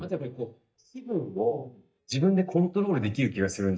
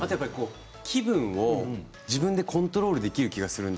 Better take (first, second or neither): second